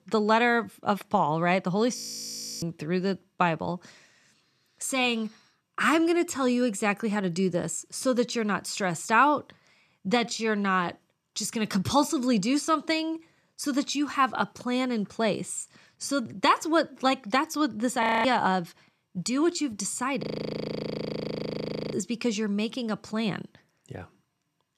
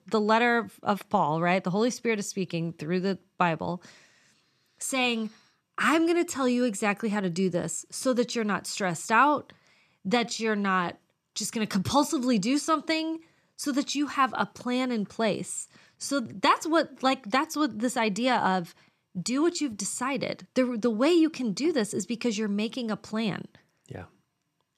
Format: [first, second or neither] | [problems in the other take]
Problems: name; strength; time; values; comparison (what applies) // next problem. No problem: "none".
second | audio freezing; at 2 s for 0.5 s, at 18 s and at 20 s for 1.5 s